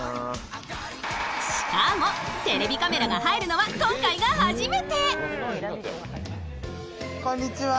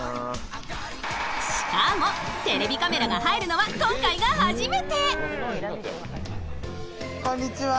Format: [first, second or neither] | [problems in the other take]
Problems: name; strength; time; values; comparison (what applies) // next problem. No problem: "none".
first | background sound (Sliding door); 11 dB below the speech